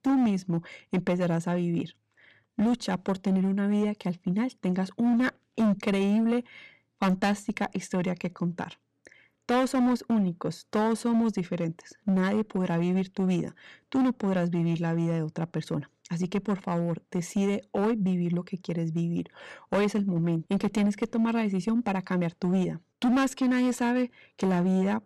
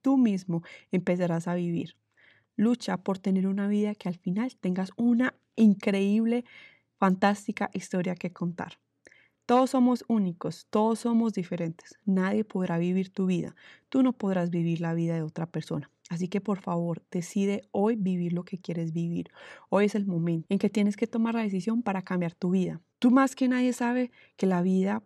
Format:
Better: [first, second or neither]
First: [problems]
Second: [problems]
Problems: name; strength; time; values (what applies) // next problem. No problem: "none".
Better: second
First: distortion; slight; 9% of the sound clipped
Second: none